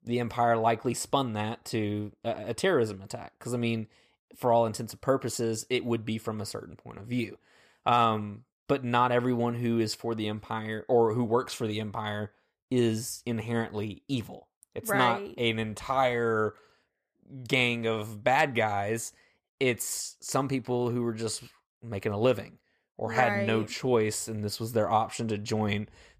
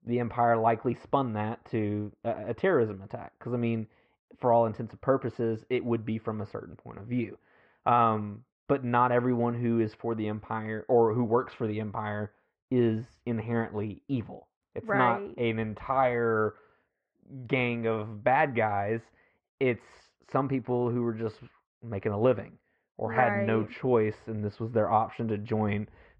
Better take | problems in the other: first | muffled; very; fading above 2 kHz

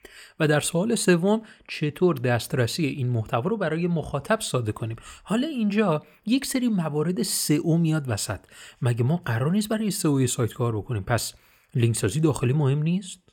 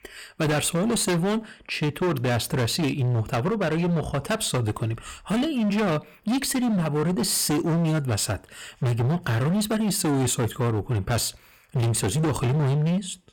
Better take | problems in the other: first | distortion; heavy; 28% of the sound clipped

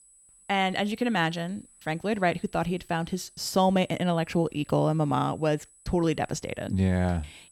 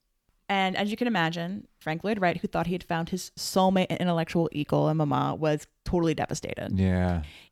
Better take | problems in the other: second | high-pitched whine; faint; throughout; 8 kHz, 25 dB below the speech

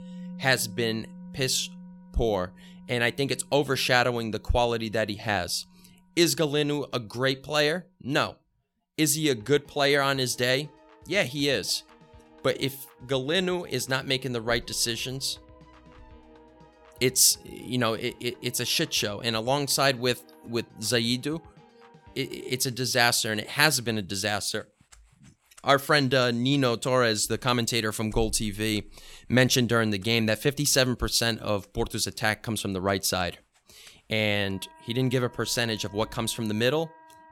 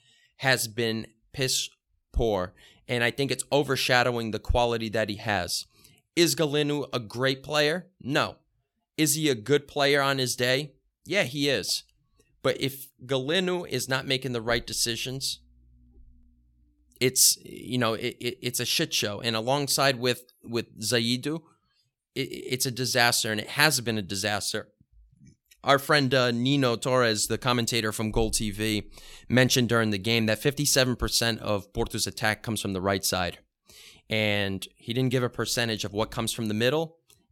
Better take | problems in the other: second | background music; faint; throughout; 25 dB below the speech

